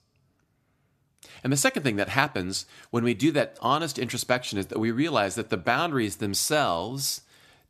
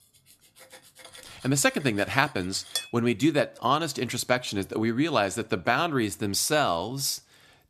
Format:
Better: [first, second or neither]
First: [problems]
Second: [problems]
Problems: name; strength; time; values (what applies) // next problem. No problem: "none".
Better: first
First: none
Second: clattering dishes; noticeable; from 1 to 3 s; peak 6 dB below the speech